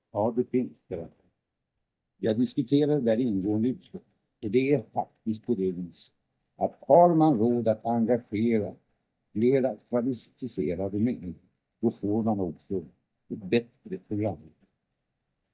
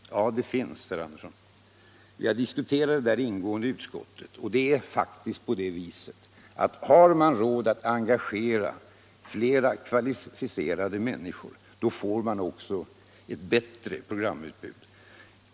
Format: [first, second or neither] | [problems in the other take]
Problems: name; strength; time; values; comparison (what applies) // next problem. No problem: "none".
second | noise reduction (neural mask model DeepFilterNet 3)